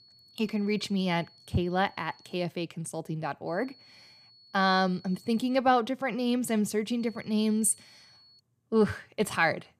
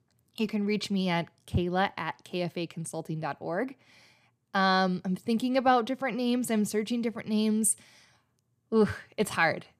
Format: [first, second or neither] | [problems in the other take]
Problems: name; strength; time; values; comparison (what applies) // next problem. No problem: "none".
second | high-pitched whine; faint; until 2.5 s, from 3.5 to 5.5 s and from 7 to 8.5 s; 4.5 kHz, 25 dB below the speech